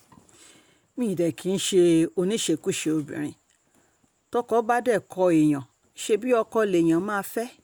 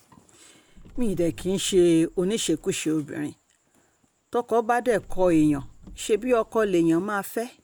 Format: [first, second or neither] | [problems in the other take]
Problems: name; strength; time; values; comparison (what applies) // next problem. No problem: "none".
first | background sound (Car); 11 dB below the speech